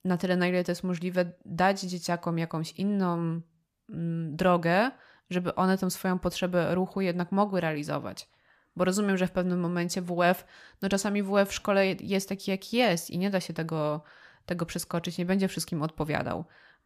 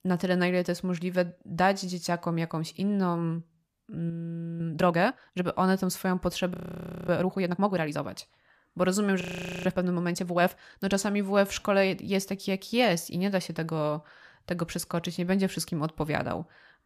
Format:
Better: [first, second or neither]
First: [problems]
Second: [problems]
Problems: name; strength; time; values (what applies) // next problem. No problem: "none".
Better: first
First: none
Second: audio freezing; at 4 s for 0.5 s, at 6.5 s for 0.5 s and at 9 s